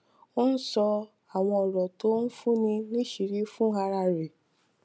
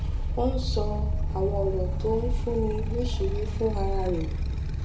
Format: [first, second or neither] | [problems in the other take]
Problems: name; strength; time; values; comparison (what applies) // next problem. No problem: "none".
first | background sound (Motorcycle); 3 dB above the speech // room echo; dies away in 0.6 s